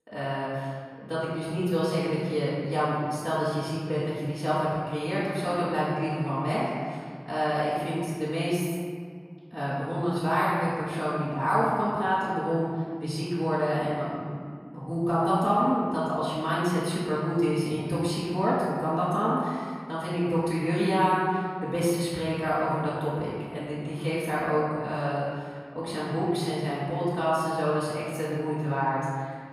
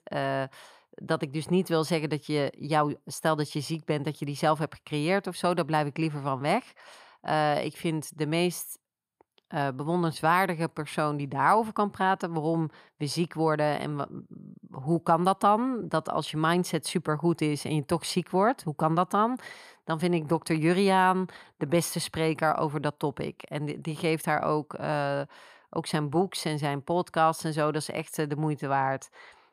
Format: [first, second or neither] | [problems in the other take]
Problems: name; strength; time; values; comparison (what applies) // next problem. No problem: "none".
second | off-mic speech; far // room echo; strong; dies away in 2 s